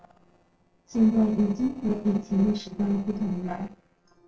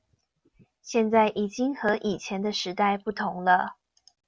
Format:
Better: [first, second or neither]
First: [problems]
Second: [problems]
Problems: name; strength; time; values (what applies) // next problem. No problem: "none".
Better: second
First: noise reduction (neural separator model SepFormer DNS4)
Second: none